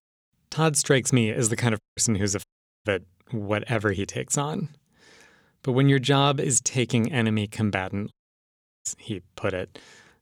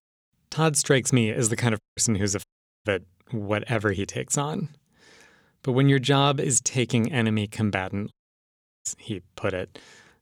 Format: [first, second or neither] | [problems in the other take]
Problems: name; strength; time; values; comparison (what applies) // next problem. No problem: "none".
neither | audio cutting out; at 2 s, at 2.5 s and at 8 s for 0.5 s; the same in both